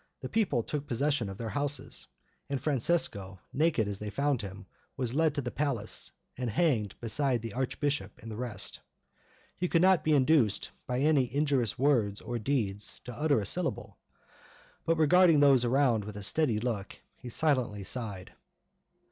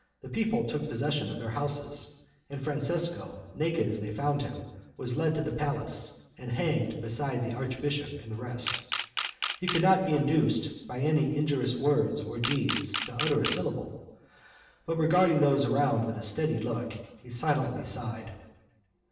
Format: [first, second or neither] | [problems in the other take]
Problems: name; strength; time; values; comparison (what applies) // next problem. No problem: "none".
first | background sound (Camera); 6 dB below the speech // room echo; dies away in 1 s